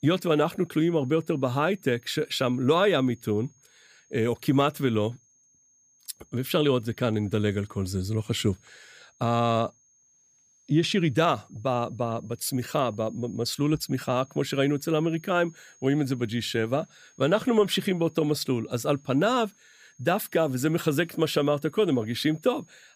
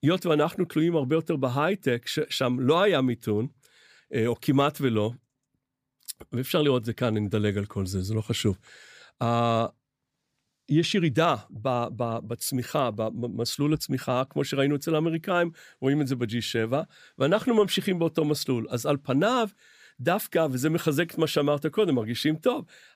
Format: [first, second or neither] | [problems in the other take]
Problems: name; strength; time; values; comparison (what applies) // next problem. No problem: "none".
second | high-pitched whine; faint; throughout; 6.5 kHz, 30 dB below the speech